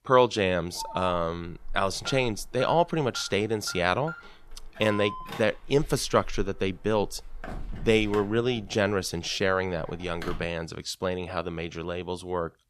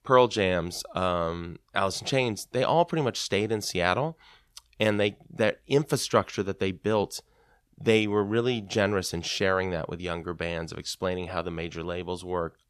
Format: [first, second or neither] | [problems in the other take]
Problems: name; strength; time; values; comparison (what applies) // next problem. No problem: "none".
second | alarm; noticeable; from 1 to 10 s; peak 9 dB below the speech